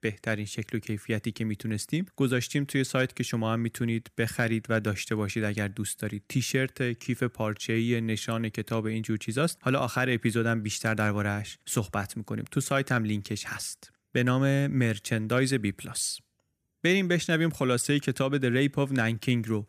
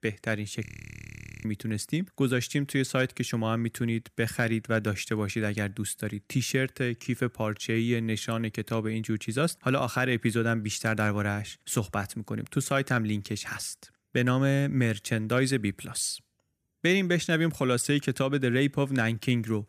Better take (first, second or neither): first